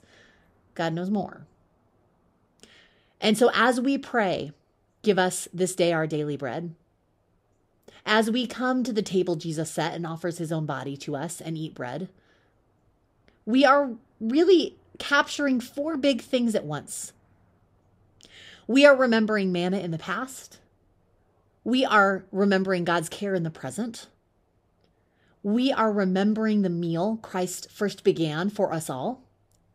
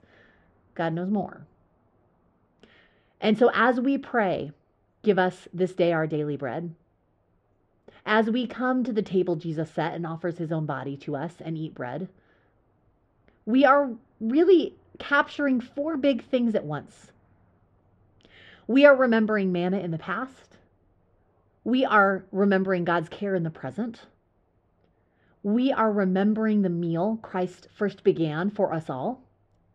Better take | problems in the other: first | muffled; slightly; fading above 2.5 kHz

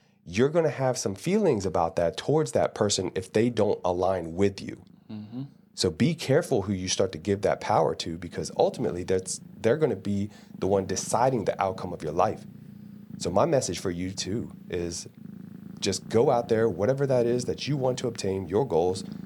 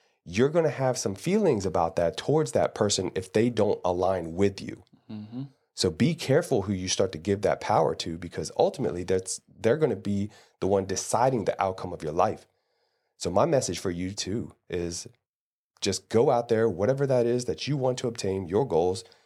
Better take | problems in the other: second | animal sounds; noticeable; throughout; 20 dB below the speech

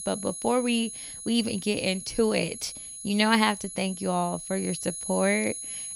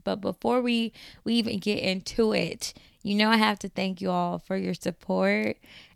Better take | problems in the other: second | high-pitched whine; loud; throughout; 10.5 kHz, 9 dB below the speech

